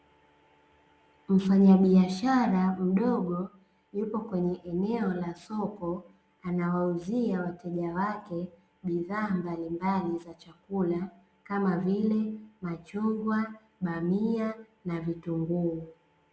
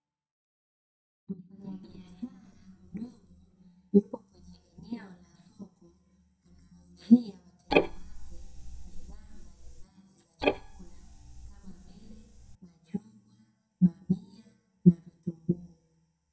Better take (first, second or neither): first